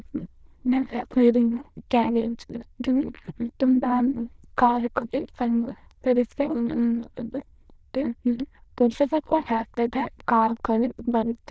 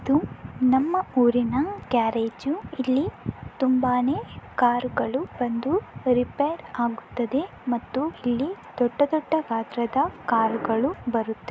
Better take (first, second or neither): second